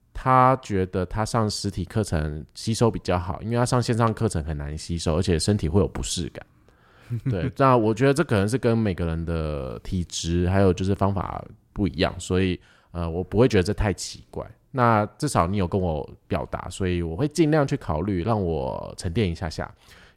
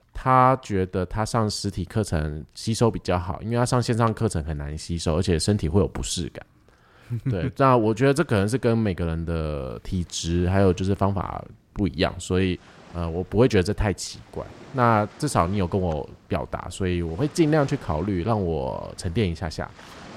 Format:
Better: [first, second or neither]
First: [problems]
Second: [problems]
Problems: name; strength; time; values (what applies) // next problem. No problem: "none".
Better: first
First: none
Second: rain or running water; faint; throughout; 25 dB below the speech